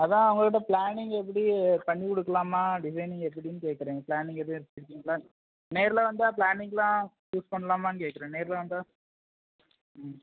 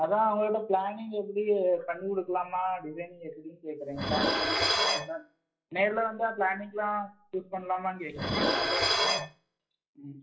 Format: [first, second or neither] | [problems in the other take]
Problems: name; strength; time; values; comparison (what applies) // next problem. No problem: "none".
first | noise reduction (classical method WPE with log-MMSE)